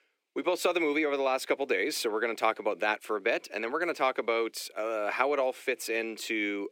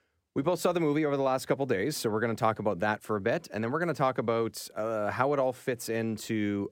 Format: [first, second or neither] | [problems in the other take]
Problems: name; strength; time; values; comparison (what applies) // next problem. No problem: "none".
second | thin; somewhat; fading below 350 Hz